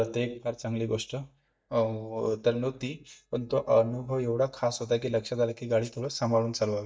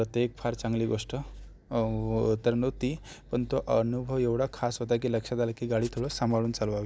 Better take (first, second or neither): second